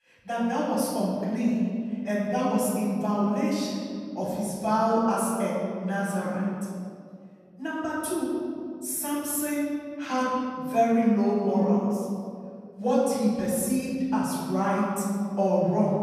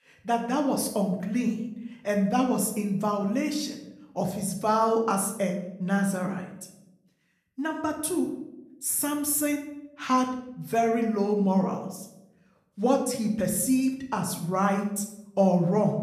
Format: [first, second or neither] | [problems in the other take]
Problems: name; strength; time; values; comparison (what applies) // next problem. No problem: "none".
second | room echo; strong; dies away in 2.2 s; slight in the second // off-mic speech; far